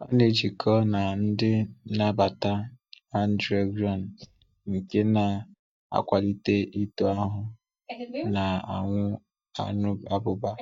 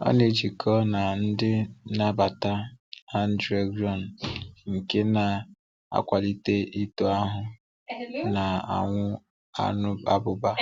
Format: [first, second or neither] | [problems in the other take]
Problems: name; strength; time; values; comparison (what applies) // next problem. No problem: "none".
second | noise reduction (neural mask model DeepFilterNet 3)